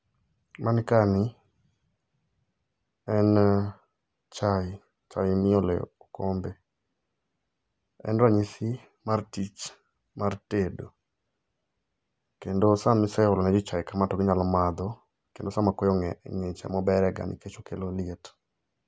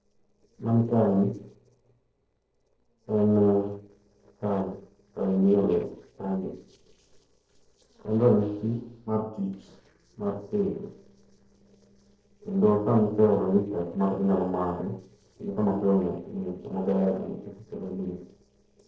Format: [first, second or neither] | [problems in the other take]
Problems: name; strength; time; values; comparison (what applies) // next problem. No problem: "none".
first | noise reduction (neural separator model SepFormer DNS4)